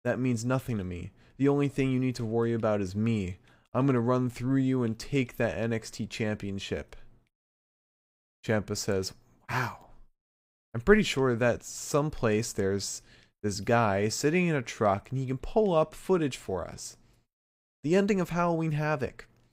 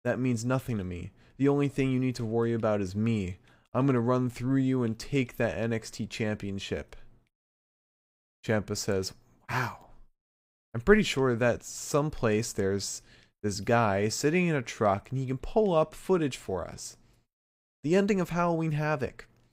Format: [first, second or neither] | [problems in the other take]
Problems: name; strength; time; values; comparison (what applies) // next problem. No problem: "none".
neither | none